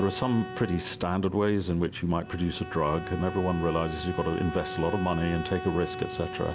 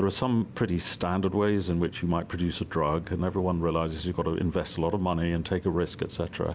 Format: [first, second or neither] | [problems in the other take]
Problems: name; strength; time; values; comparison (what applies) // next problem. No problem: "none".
second | background sound (Bowed string instrument); 10 dB below the speech